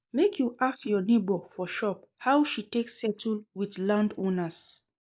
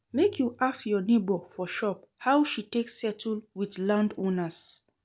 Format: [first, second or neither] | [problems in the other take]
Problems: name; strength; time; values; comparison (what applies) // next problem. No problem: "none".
second | noise reduction (neural mask model Resemble Enhance denoiser)